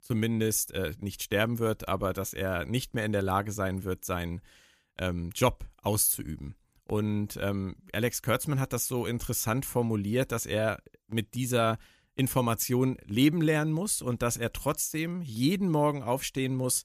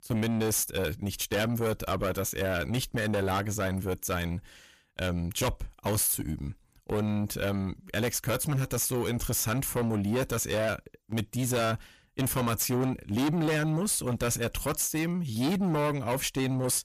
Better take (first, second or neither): first